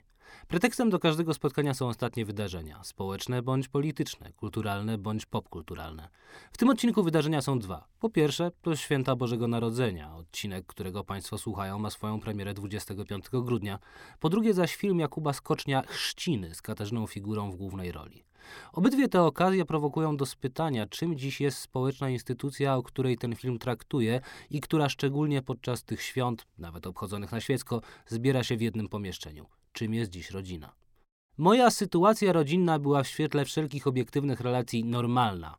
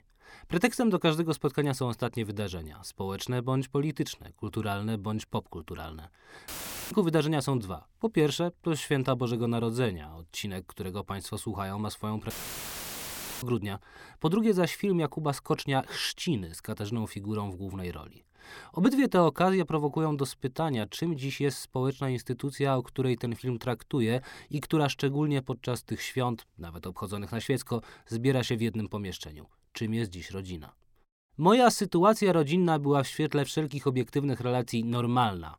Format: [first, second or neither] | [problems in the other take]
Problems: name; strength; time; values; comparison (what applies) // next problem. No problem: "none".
first | audio cutting out; filled with static; at 6.5 s and at 12 s for 1 s